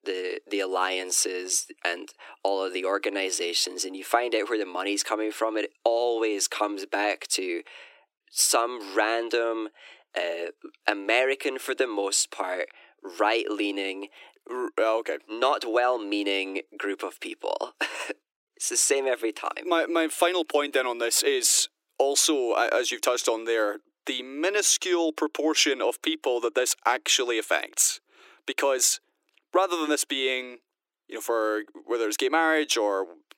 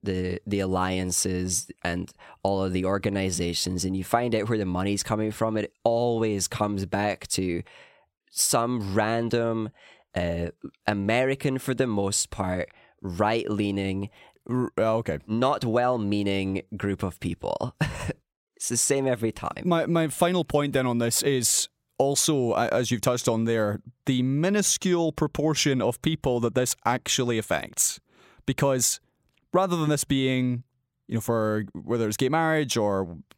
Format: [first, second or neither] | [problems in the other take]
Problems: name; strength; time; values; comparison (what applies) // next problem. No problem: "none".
second | thin; very; fading below 300 Hz